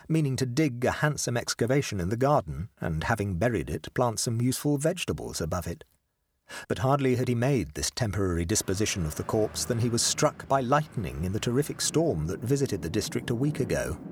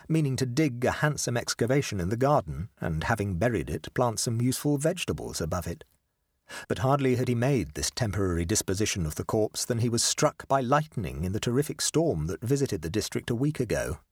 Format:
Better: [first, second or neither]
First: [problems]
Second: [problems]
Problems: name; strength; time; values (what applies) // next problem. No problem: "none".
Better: second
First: traffic noise; noticeable; from 8.5 s on; 15 dB below the speech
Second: none